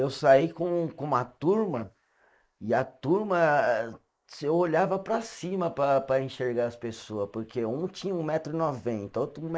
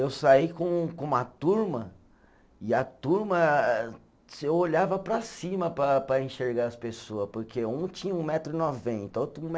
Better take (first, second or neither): second